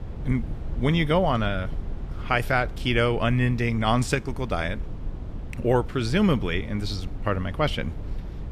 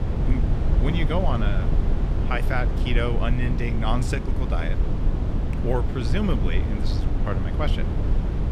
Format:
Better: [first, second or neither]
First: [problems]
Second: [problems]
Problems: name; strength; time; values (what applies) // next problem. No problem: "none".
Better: first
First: low rumble; faint; throughout; 20 dB below the speech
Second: low rumble; loud; throughout; 5 dB below the speech